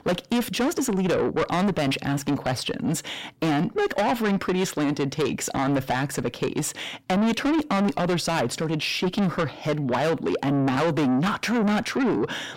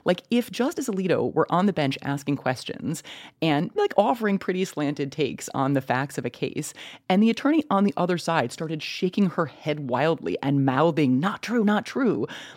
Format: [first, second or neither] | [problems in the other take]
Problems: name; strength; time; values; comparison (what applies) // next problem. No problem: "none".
second | distortion; heavy; 6 dB below the speech